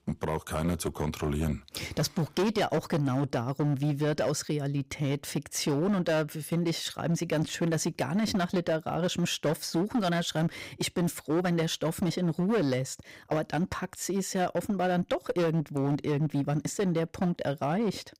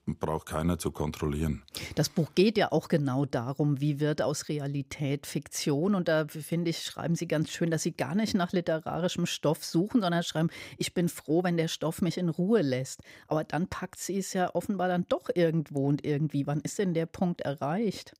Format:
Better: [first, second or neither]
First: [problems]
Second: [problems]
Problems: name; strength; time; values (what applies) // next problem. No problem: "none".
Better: second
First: distortion; slight; 12% of the sound clipped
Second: none